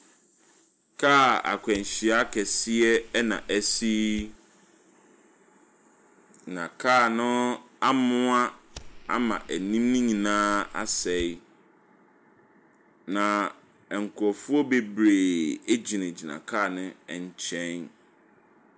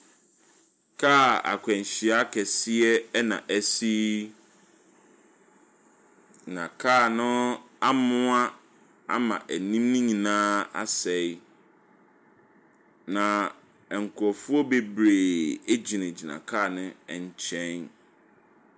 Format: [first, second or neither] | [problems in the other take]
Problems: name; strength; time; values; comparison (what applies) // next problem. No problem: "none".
second | background sound (Fire); 17 dB below the speech